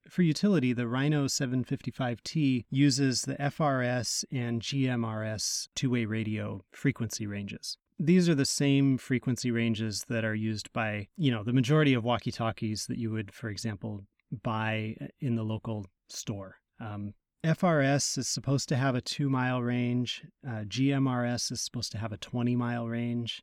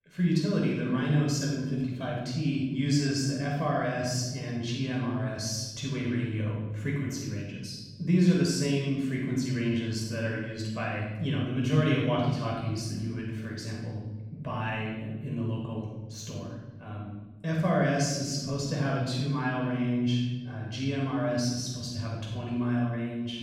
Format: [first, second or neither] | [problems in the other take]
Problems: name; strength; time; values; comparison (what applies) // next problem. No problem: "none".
first | off-mic speech; far // room echo; strong; dies away in 1.2 s